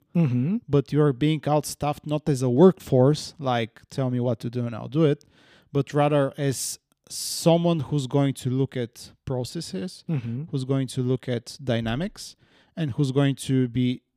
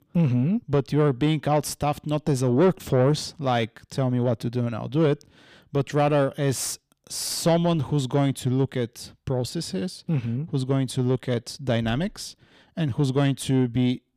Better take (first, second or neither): first